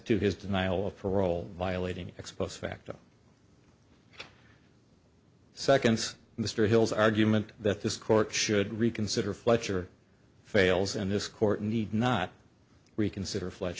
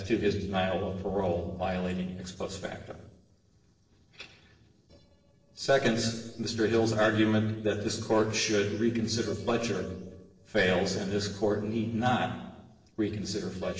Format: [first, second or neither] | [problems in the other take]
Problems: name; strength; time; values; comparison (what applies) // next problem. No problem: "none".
first | noise reduction (neural separator model SepFormer DNS4)